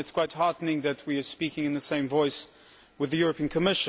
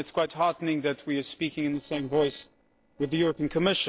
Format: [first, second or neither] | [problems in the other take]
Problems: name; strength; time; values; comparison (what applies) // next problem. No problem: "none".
first | noise reduction (neural separator model SepFormer DNS4)